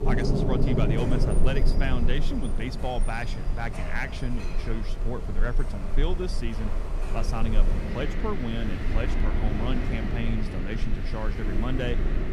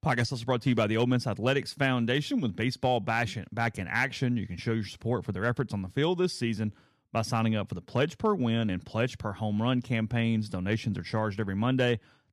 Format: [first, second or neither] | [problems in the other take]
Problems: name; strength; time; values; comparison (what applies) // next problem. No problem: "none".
second | rain or running water; very loud; throughout; 4 dB above the speech